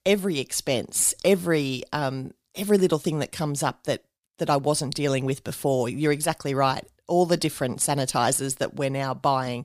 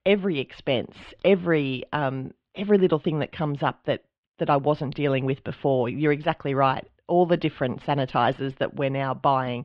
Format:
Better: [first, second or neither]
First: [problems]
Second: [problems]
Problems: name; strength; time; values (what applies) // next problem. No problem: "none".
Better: first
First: none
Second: muffled; very; fading above 3 kHz